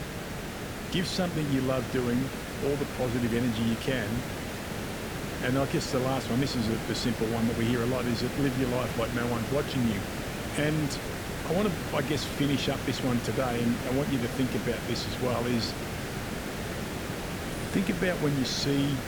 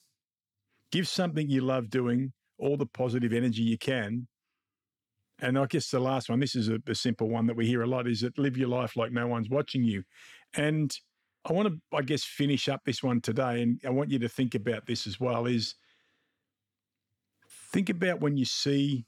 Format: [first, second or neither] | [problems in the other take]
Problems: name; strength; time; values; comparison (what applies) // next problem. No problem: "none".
second | hiss; loud; throughout; 4 dB below the speech